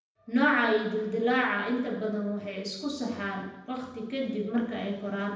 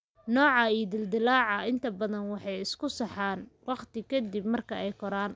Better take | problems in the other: second | room echo; dies away in 0.9 s

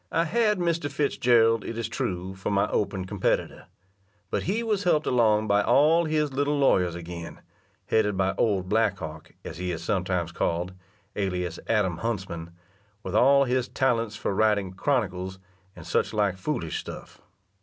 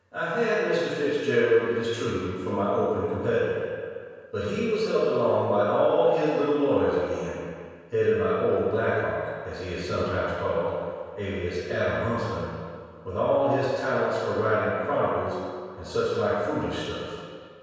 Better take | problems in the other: first | room echo; dies away in 1.9 s

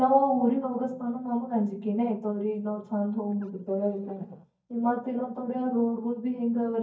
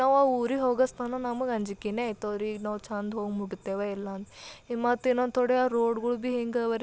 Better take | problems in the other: second | noise reduction (neural mask model DeepFilterNet 3)

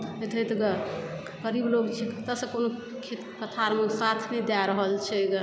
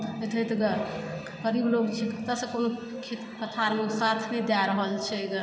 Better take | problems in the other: first | room echo; dies away in 2.1 s

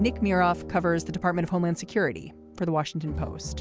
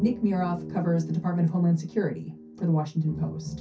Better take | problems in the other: first | room echo; dies away in 0.3 s

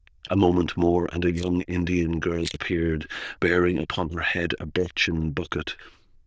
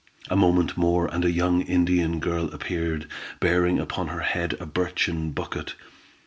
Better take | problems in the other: second | noise reduction (neural diffusion model UNIVERSE++)

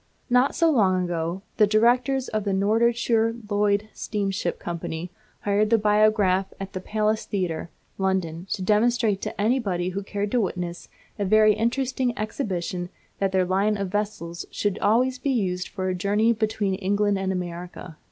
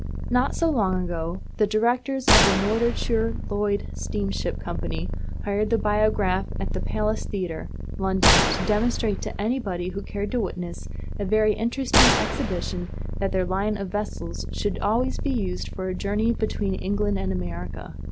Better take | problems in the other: first | background sound (Gunshot, gunfire + Purr); as loud as the speech

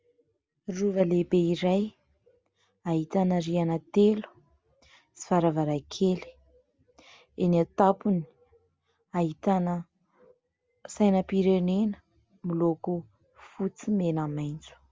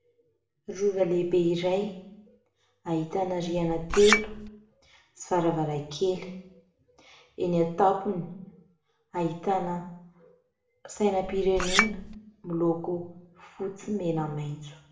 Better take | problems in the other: first | background sound (Chink, clink); 1 dB above the speech // room echo; dies away in 0.6 s

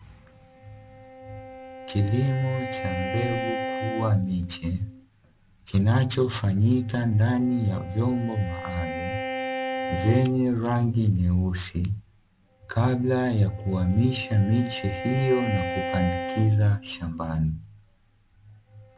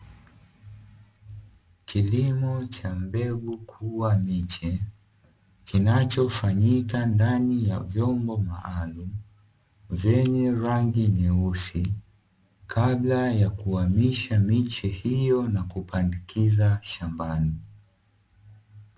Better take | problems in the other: second | background sound (Bowed string instrument); 10 dB below the speech

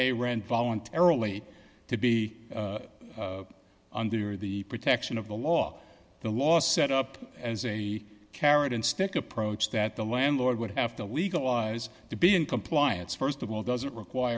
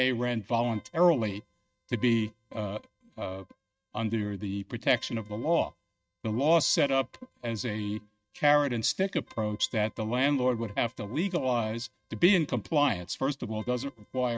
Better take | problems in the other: first | noise reduction (neural mask model RNNoise)

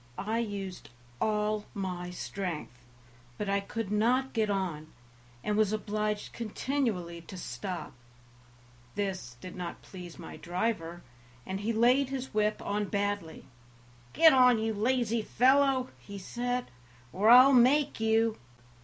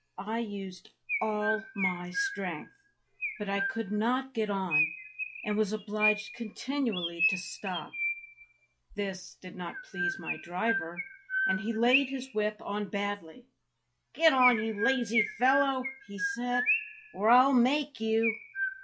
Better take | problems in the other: first | noise reduction (classical method log-MMSE)

